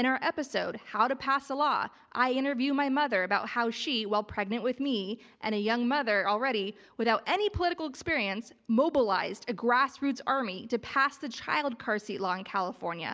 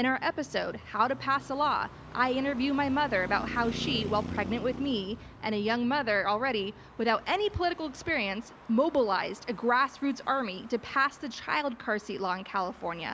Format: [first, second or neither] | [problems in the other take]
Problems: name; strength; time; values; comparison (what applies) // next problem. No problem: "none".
first | background sound (Traffic noise, roadway noise); 14 dB below the speech